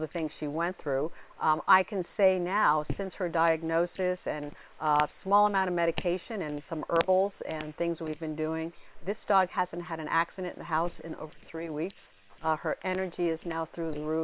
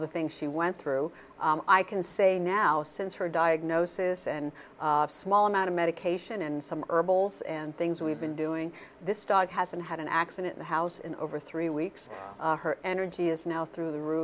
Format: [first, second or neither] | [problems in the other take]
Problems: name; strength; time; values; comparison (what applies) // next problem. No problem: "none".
second | noise reduction (neural separator model SepFormer WHAM!)